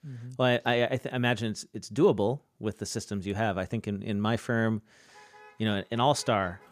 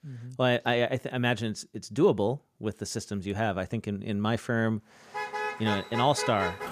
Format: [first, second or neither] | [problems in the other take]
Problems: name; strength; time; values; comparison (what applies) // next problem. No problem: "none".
first | traffic noise; loud; from 5 s on; 5 dB below the speech; faint in the first